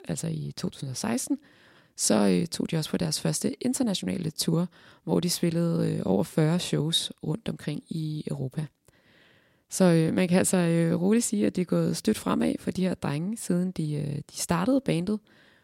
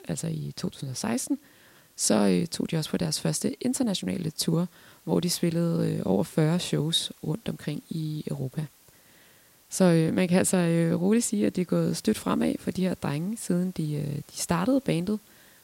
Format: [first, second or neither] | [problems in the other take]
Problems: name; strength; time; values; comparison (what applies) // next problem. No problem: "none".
first | hiss; faint; throughout; 30 dB below the speech